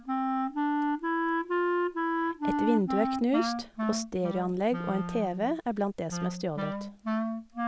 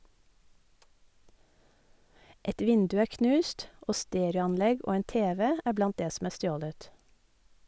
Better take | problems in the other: second | background sound (Wind instrument, woodwind instrument); 1 dB above the speech

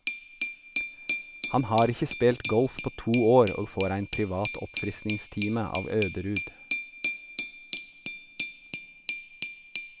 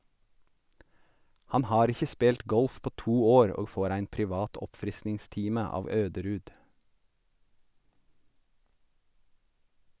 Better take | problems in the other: second | background sound (Glass); 9 dB below the speech

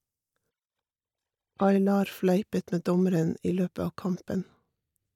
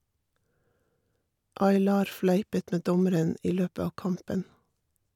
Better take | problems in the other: second | noise reduction (neural mask model DeepFilterNet 3)

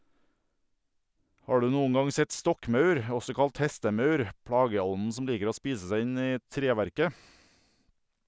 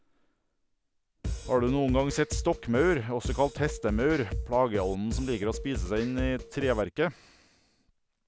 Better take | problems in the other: first | background sound (Drum kit); 6 dB below the speech

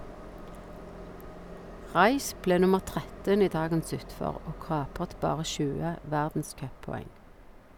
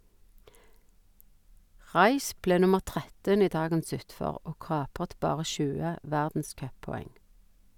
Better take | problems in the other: second | background sound (Train); 15 dB below the speech

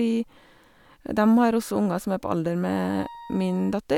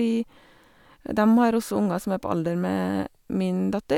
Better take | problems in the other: second | background sound (Wind instrument, woodwind instrument); 19 dB below the speech

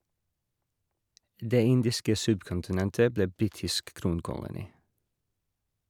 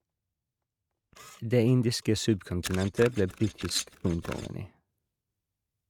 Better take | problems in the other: first | noise reduction (neural mask model RNNoise)

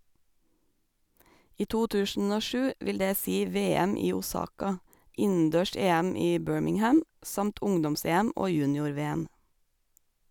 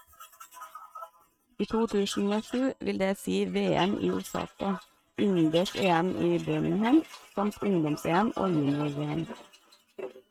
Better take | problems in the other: first | noise reduction (neural mask model RNNoise)

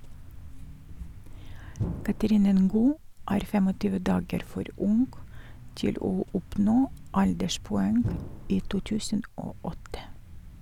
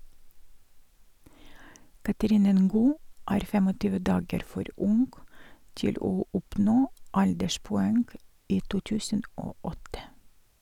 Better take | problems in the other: second | background sound (Thump, thud); 12 dB below the speech

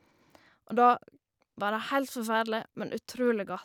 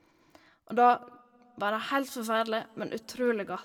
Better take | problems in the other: first | room echo; dies away in 0.8 s

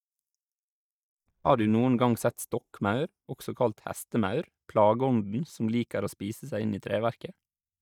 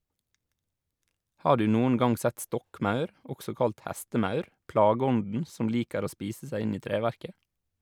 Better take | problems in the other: second | noise reduction (neural mask model DeepFilterNet 3)

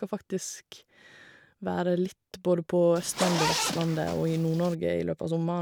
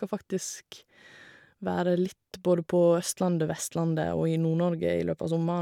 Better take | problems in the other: second | background sound (Zipper (clothing)); 4 dB below the speech

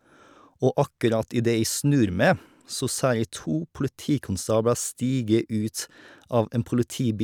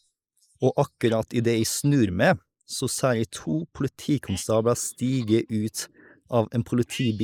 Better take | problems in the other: first | noise reduction (neural mask model Resemble Enhance denoiser)

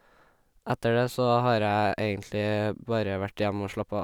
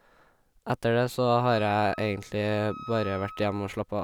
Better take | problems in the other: first | background sound (Wind instrument, woodwind instrument); 17 dB below the speech

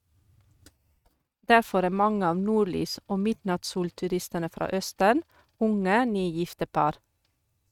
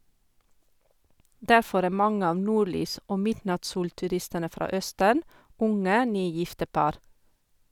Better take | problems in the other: second | noise reduction (neural mask model RNNoise)

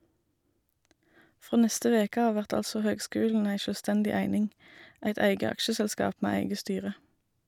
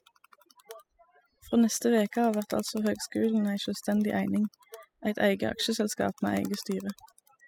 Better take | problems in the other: first | noise reduction (classical method spectral subtraction)

